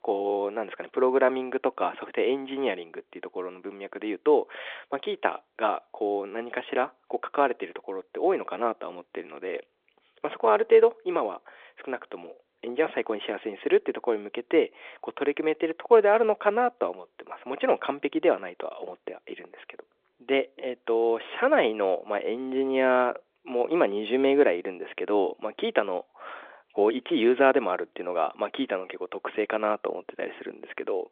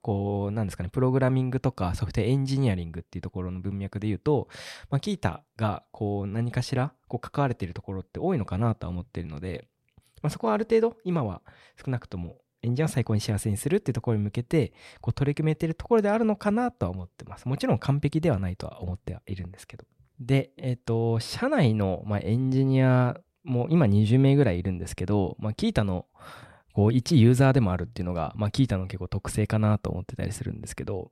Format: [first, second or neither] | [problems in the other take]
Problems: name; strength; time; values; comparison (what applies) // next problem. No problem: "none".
second | phone-call audio; nothing above 3.5 kHz